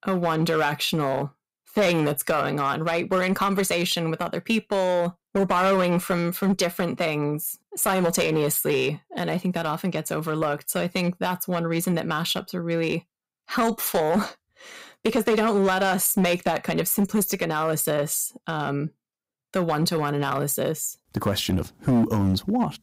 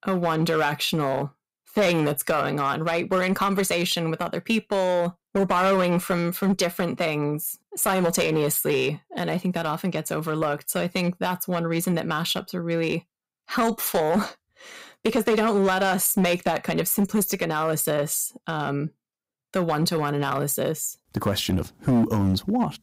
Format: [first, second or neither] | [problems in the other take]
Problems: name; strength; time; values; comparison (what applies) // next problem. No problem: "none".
neither | distortion; slight; 6% of the sound clipped; the same in both